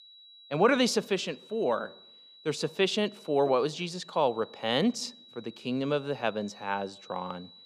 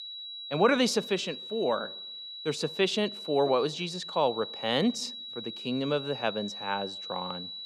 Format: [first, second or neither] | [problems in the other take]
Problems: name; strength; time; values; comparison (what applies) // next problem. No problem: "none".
first | high-pitched whine; loud; throughout; 4 kHz, 9 dB below the speech; faint in the first